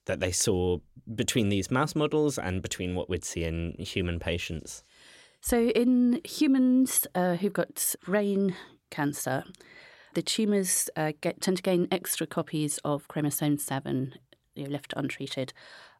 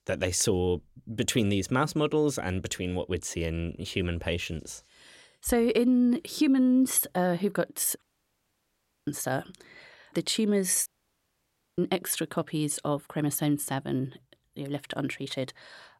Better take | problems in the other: first | audio cutting out; at 8 s for 1 s and at 11 s for 1 s

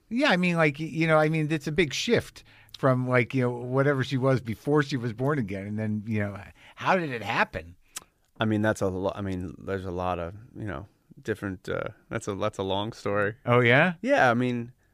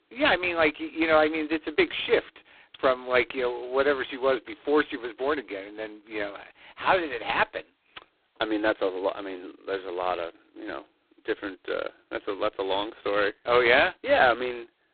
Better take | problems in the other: first | phone-call audio; poor line; nothing above 4 kHz

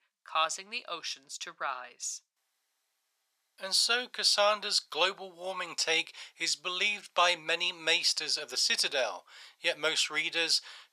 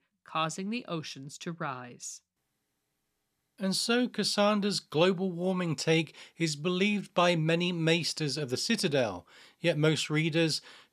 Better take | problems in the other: second | thin; very; fading below 900 Hz

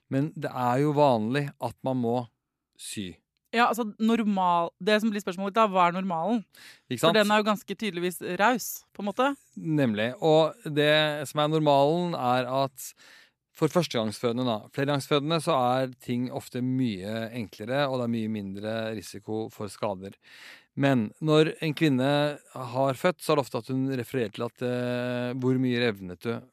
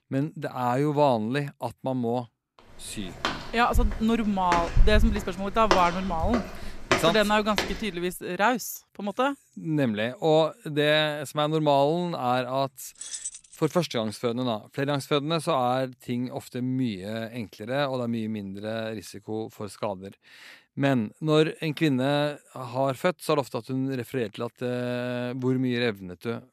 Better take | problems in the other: first | footsteps; loud; from 3 to 7.5 s; peak 1 dB above the speech // jangling keys; noticeable; at 13 s; peak 7 dB below the speech

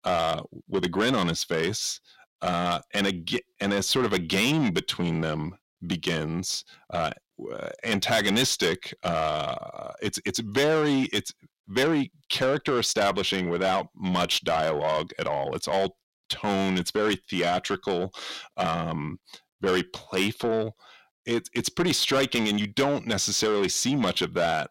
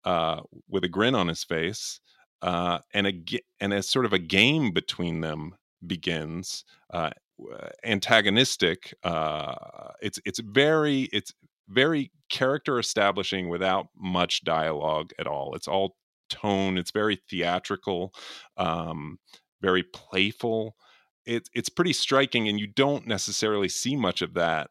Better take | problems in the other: second | distortion; heavy; 7 dB below the speech

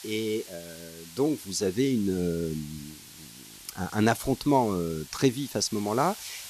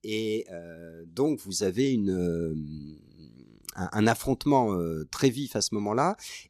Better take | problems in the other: second | hiss; noticeable; throughout; 15 dB below the speech

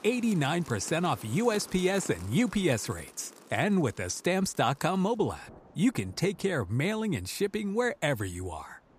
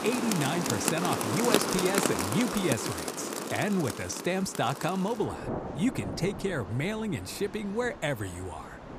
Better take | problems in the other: first | rain or running water; loud; throughout; 1 dB below the speech; faint in the first

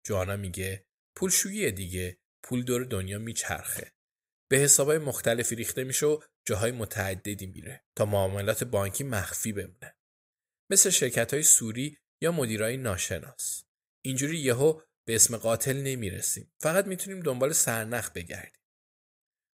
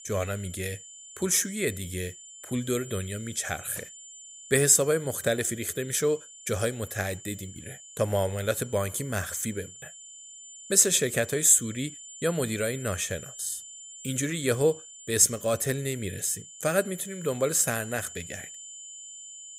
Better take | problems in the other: first | high-pitched whine; noticeable; throughout; 7 kHz, 15 dB below the speech

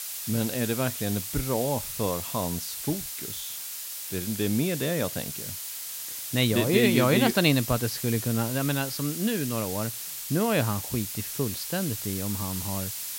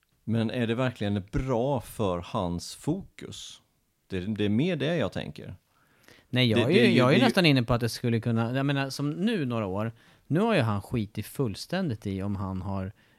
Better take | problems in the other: second | hiss; loud; throughout; 5 dB below the speech

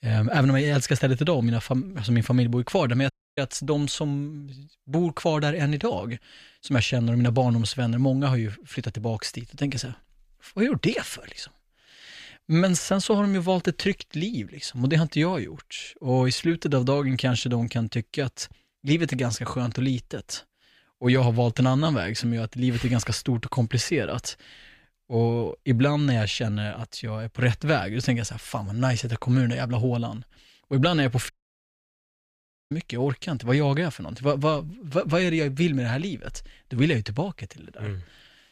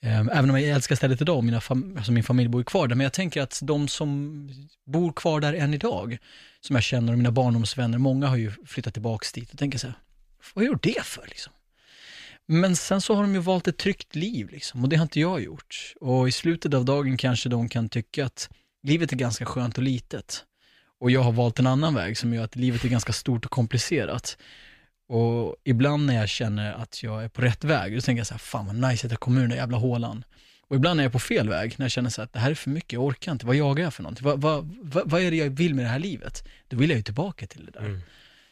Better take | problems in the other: second | audio cutting out; at 3 s and at 31 s for 1.5 s

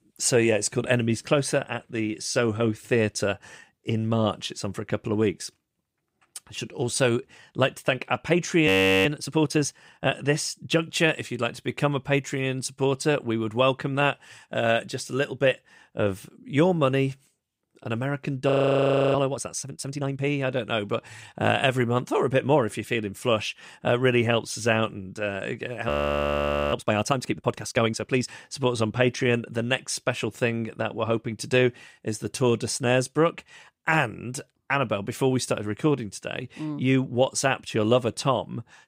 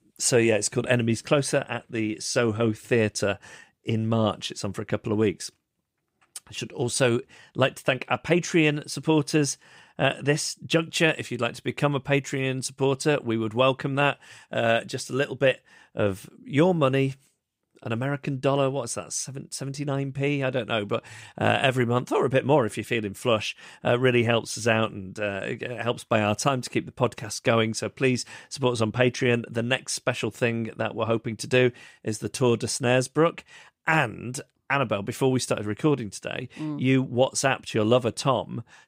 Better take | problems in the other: second | audio freezing; at 8.5 s, at 18 s for 0.5 s and at 26 s for 1 s

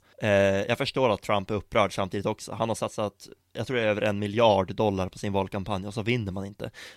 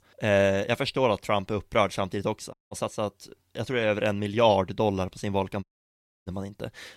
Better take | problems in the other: first | audio cutting out; at 2.5 s and at 5.5 s for 0.5 s

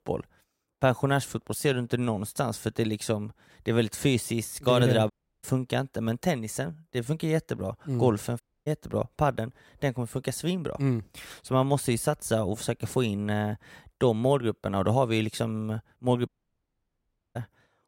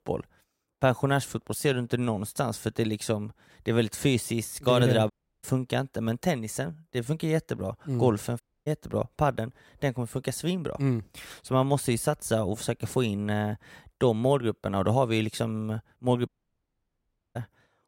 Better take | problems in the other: neither | audio cutting out; at 5 s, at 8.5 s and at 16 s for 1 s; the same in both

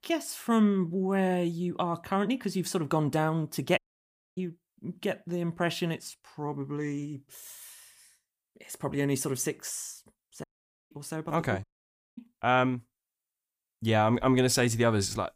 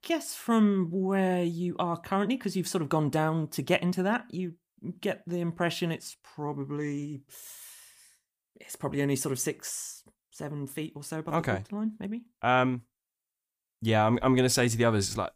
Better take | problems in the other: second | audio cutting out; at 4 s for 0.5 s, at 10 s and at 12 s for 0.5 s

